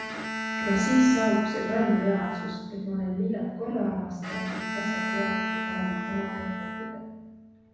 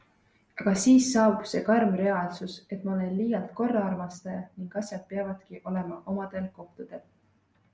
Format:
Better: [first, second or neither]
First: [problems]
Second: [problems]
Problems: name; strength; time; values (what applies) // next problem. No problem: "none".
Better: second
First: background sound (Bowed string instrument); 5 dB below the speech // room echo; dies away in 1.1 s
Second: none